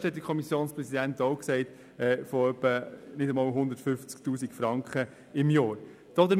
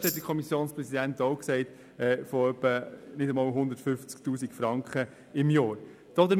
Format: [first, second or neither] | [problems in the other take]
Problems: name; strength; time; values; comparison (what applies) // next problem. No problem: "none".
first | background sound (Tambourine); 8 dB below the speech